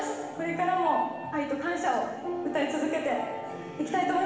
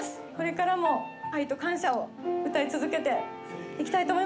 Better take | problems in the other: second | room echo; dies away in 1.2 s

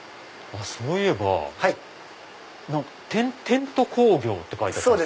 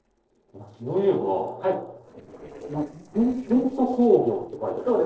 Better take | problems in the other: first | noise reduction (neural separator model SepFormer DNS4)

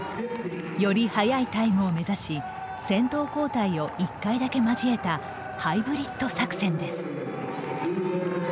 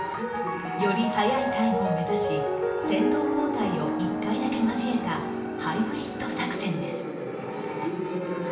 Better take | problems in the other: first | background sound (Piano); 1 dB below the speech // room echo; dies away in 0.7 s

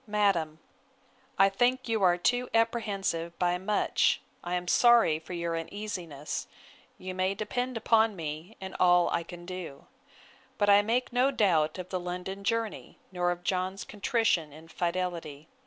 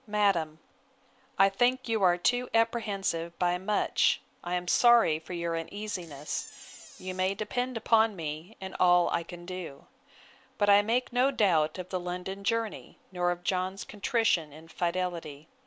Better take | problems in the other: first | background sound (Door); 20 dB below the speech

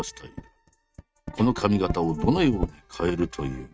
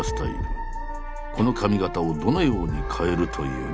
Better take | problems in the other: second | noise reduction (neural mask model RNNoise)

